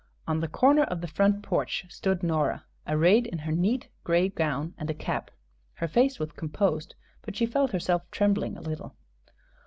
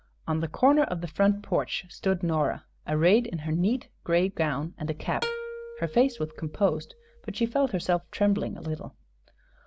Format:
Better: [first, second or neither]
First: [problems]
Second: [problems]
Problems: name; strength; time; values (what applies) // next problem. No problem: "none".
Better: first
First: none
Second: background sound (Plucked string instrument); 13 dB below the speech